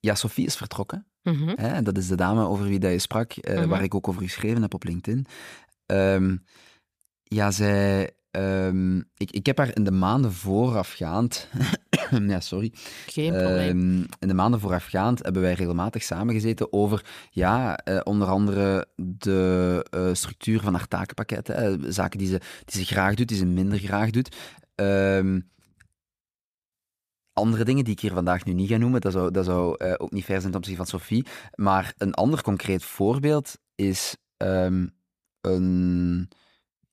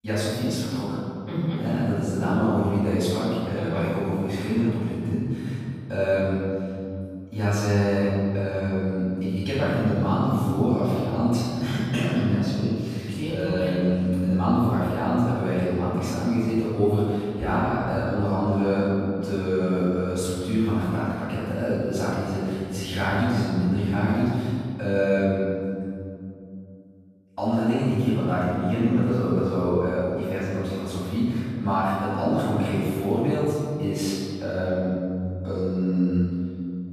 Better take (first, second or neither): first